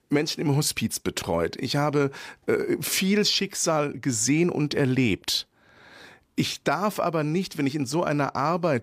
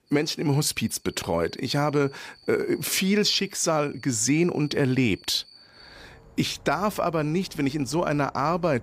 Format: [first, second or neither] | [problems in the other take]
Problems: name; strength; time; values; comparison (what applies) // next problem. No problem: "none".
first | animal sounds; faint; throughout; 25 dB below the speech